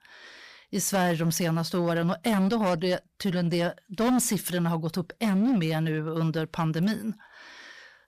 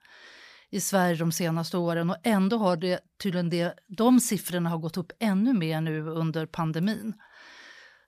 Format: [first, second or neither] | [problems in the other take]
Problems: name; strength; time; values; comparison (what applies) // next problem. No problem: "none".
second | distortion; slight; 11% of the sound clipped